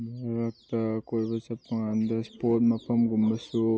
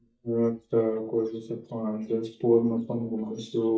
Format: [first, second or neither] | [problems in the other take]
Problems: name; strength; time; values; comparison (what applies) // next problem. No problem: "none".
first | noise reduction (neural mask model DeepFilterNet 3)